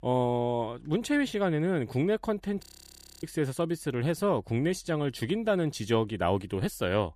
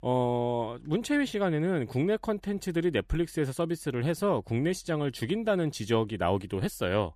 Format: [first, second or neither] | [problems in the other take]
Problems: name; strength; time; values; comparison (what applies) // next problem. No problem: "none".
second | audio freezing; at 2.5 s for 0.5 s